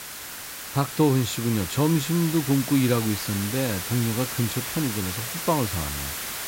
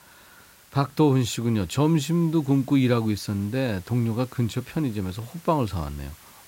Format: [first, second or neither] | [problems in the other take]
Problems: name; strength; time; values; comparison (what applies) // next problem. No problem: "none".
second | hiss; loud; throughout; 5 dB below the speech; faint in the second